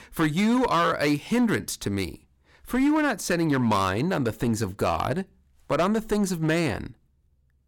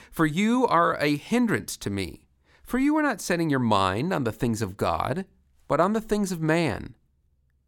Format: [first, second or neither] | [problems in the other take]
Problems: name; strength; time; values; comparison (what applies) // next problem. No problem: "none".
second | distortion; slight; 7% of the sound clipped